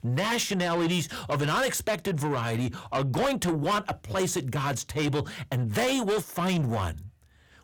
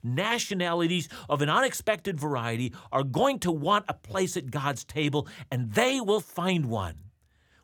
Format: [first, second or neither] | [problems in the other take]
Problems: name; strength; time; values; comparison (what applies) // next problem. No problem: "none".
second | distortion; heavy; 7 dB below the speech